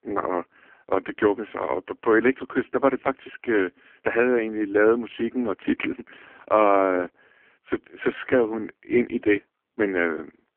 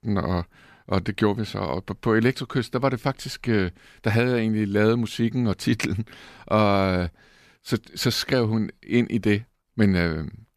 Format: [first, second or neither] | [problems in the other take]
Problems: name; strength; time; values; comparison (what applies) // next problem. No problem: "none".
second | phone-call audio; poor line